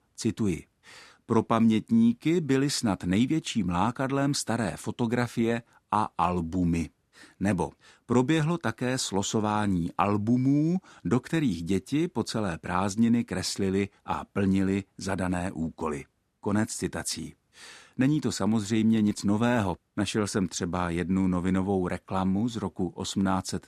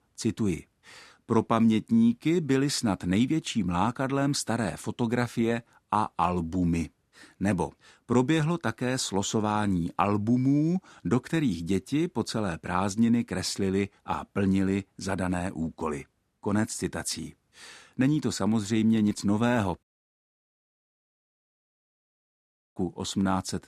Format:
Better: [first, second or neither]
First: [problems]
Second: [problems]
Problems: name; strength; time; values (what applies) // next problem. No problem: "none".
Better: first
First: none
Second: audio cutting out; at 20 s for 3 s